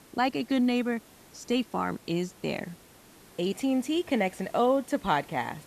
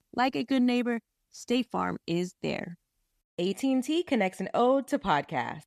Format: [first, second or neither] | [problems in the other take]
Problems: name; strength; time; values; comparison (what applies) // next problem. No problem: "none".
second | hiss; faint; throughout; 25 dB below the speech